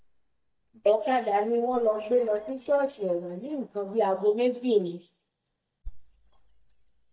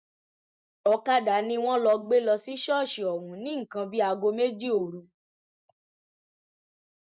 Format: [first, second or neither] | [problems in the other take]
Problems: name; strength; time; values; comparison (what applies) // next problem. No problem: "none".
second | noise reduction (neural mask model DeepFilterNet 3)